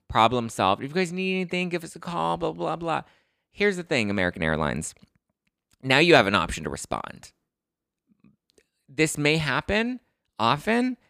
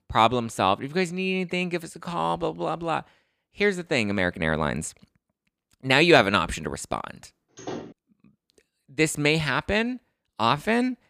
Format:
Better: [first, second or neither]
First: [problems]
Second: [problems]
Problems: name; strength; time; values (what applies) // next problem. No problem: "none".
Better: first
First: none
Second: door banging; faint; at 7.5 s; peak 10 dB below the speech